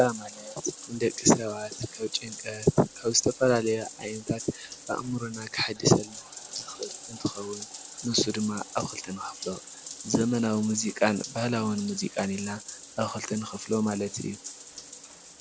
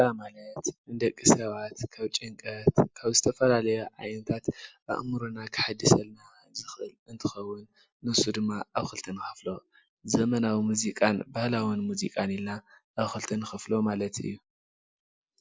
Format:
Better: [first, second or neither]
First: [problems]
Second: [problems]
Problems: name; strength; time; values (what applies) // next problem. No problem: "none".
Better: second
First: background sound (Bathtub (filling or washing)); 14 dB below the speech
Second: none